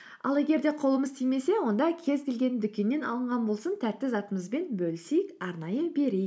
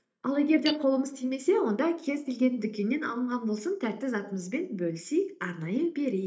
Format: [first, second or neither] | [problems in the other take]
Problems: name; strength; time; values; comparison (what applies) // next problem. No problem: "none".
first | noise reduction (neural mask model DeepFilterNet 3)